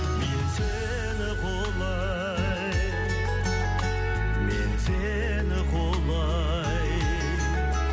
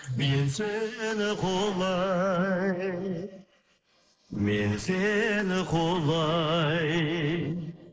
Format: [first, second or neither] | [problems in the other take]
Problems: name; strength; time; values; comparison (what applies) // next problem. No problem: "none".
first | noise reduction (neural mask model Resemble Enhance denoiser)